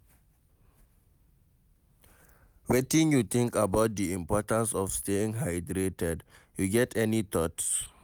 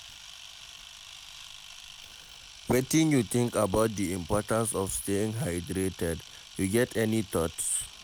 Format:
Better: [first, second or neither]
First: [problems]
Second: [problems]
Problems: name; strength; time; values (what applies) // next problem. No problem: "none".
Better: first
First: none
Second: background sound (Camera); 18 dB below the speech